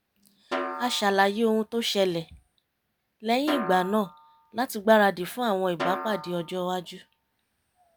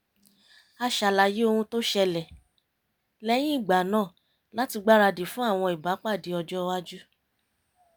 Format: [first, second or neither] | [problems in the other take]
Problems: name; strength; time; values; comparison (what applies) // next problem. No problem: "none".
second | background sound (Snare drum); 10 dB below the speech